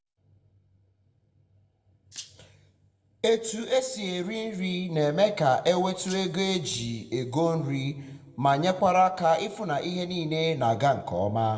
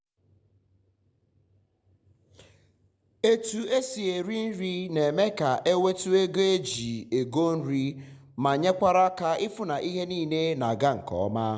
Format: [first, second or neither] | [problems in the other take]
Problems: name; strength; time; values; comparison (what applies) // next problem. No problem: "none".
second | background sound (Rattle (instrument)); 19 dB below the speech // room echo; dies away in 0.9 s